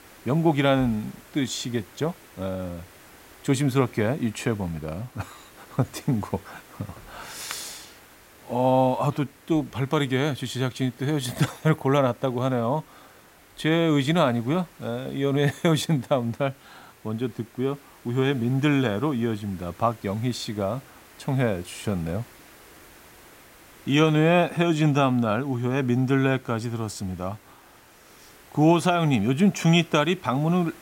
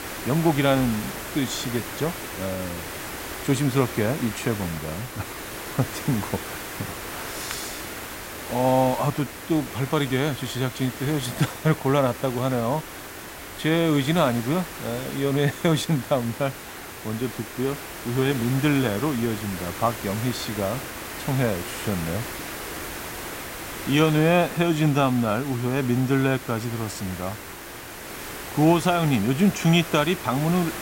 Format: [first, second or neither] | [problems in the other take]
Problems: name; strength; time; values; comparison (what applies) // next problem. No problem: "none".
first | hiss; loud; throughout; 10 dB below the speech; faint in the first